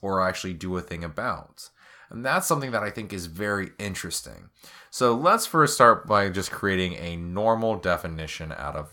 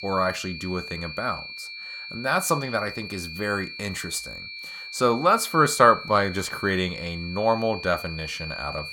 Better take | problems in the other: first | high-pitched whine; noticeable; throughout; 2.5 kHz, 10 dB below the speech

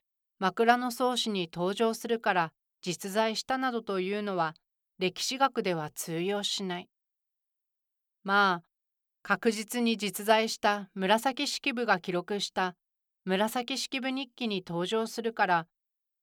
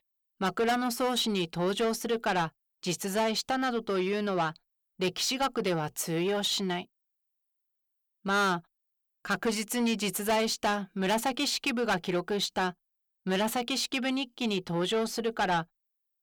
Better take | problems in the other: first | distortion; heavy; 7 dB below the speech

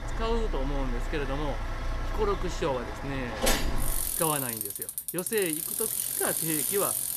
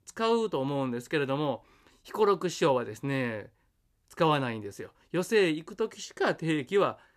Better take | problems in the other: second | traffic noise; very loud; throughout; 3 dB above the speech

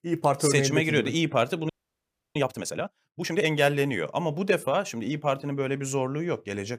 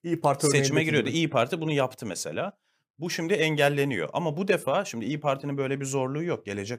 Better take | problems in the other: second | audio freezing; at 1.5 s for 0.5 s

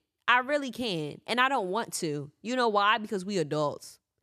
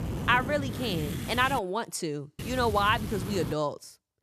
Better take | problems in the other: first | wind noise on the microphone; occasional gusts; until 1.5 s and from 2.5 to 3.5 s; 15 dB below the speech

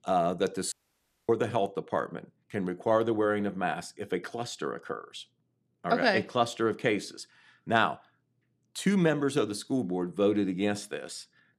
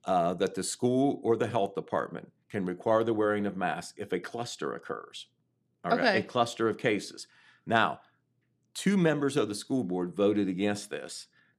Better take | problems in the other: second | audio cutting out; at 0.5 s for 0.5 s

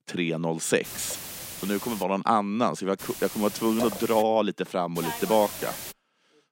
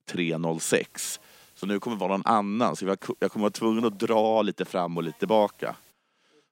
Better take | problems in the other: second | hiss; loud; from 1 to 2 s, from 3 to 4 s and at 5 s; 9 dB below the speech; faint in the second

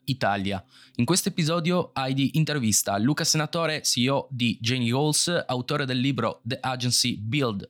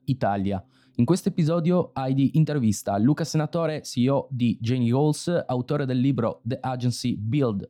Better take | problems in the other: first | muffled; slightly; fading above 1 kHz

